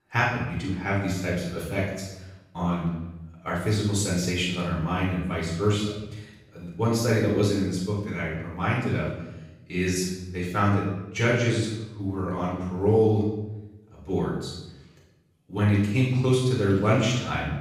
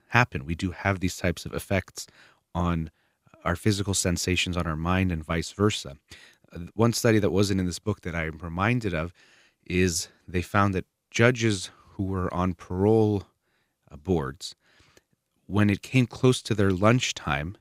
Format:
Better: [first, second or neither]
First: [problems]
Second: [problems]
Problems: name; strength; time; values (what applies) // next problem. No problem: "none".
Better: second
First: room echo; noticeable; dies away in 0.9 s // off-mic speech; far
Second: none